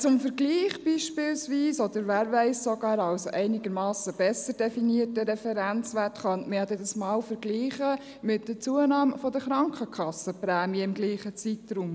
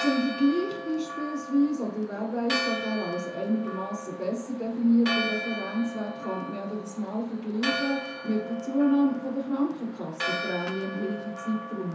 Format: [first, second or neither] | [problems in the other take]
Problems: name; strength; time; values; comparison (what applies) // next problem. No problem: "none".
first | background sound (Church bell); 7 dB below the speech // room echo; dies away in 0.7 s